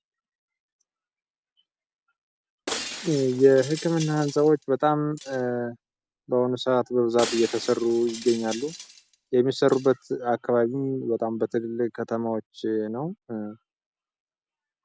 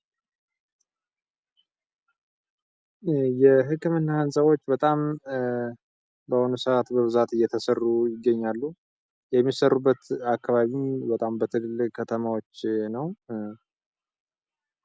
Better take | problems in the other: second | background sound (Shatter); 13 dB below the speech

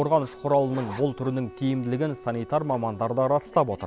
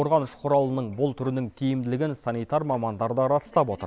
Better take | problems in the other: second | background sound (Wind instrument, woodwind instrument + Zipper (clothing)); 18 dB below the speech

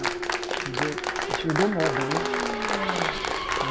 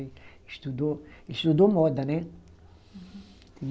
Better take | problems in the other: second | background sound (Applause + Race car, auto racing / Accelerating, revving, vroom); 4 dB above the speech

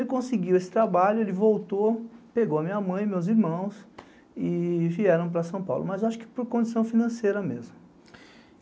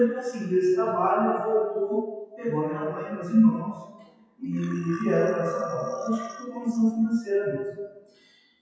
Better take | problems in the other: first | noise reduction (classical method WPE with log-MMSE)

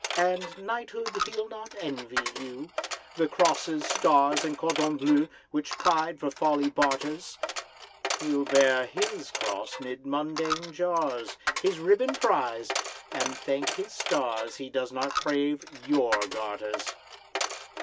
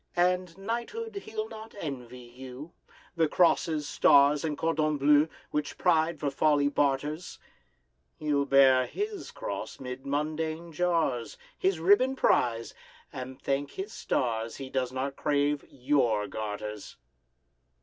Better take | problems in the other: second | background sound (Coin (dropping)); 7 dB below the speech

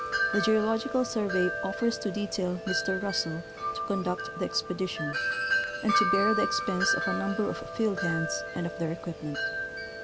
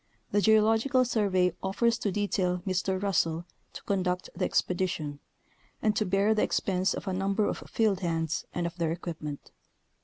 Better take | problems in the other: second | background sound (Wind chime); 1 dB below the speech

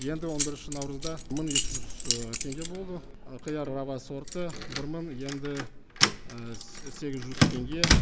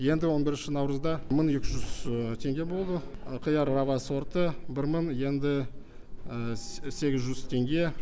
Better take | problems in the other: second | background sound (Keys jangling); 3 dB above the speech

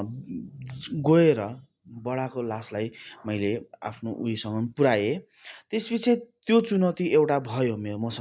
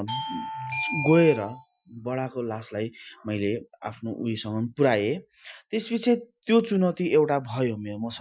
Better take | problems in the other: first | noise reduction (classical method Wiener filter)

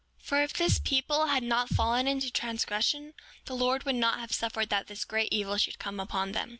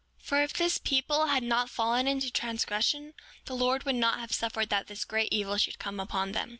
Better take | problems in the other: second | background sound (Thump, thud); 5 dB below the speech

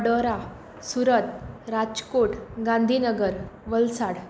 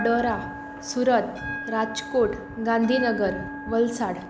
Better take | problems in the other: first | background sound (Bell); 10 dB below the speech

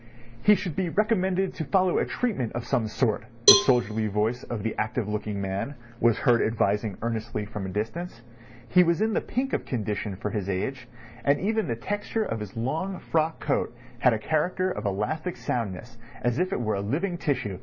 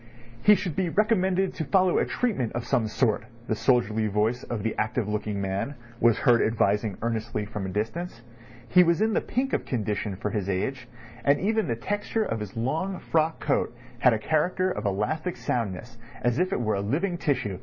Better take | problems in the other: second | background sound (Cowbell); 1 dB below the speech

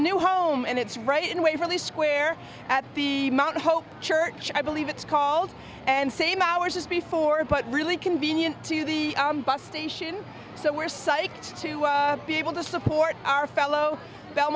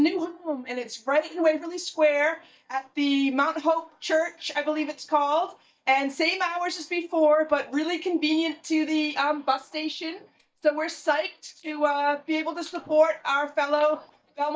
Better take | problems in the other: first | noise reduction (neural mask model DeepFilterNet 3)

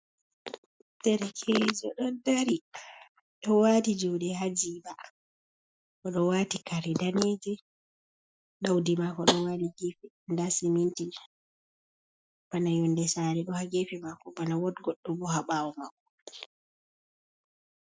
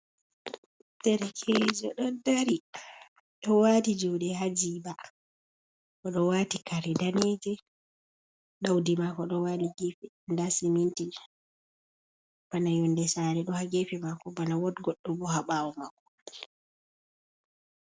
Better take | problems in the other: second | noise reduction (classical method Wiener filter)

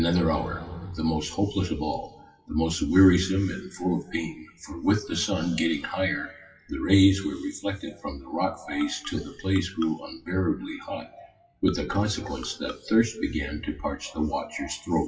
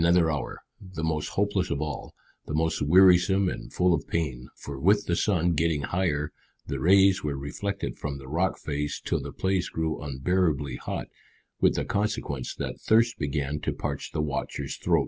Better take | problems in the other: second | noise reduction (classical method WPE with log-MMSE)

